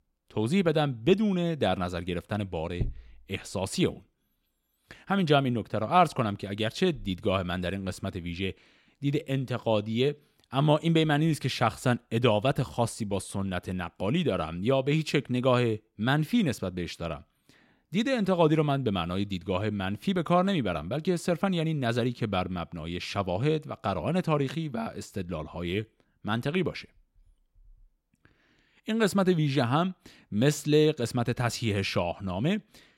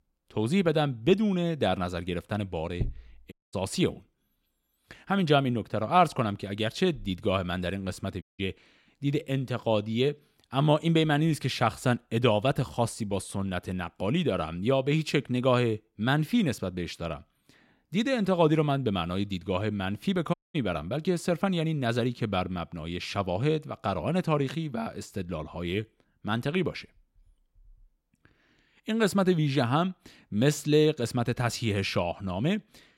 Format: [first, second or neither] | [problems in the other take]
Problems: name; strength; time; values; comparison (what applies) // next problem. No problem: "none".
first | audio cutting out; at 3.5 s, at 8 s and at 20 s